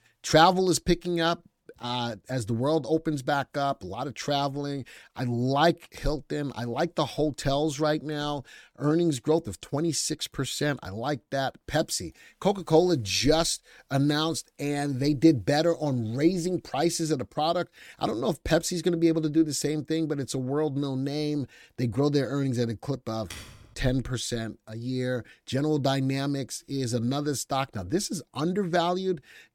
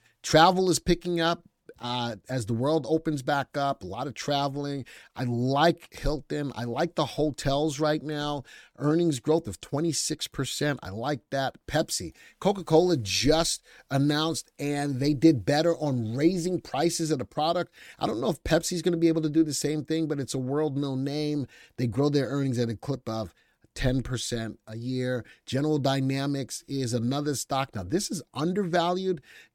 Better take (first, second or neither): second